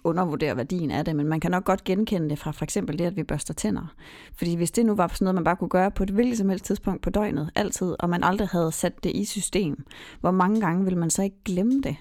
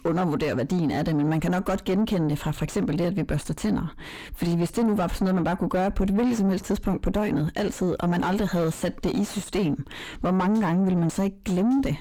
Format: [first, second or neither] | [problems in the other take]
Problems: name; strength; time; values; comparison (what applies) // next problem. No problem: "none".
first | distortion; heavy; 6 dB below the speech